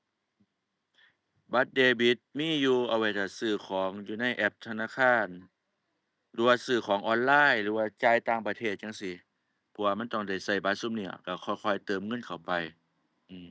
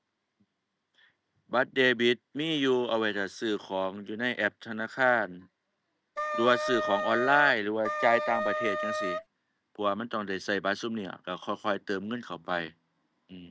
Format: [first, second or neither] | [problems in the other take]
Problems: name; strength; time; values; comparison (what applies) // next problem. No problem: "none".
first | background sound (Wind instrument, woodwind instrument); 1 dB below the speech